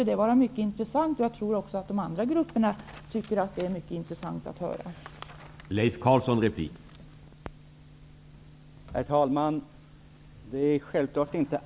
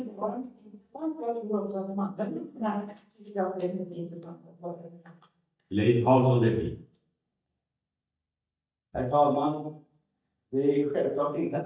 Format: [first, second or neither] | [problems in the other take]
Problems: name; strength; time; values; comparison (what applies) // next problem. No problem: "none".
first | noise reduction (neural mask model DeepFilterNet 3)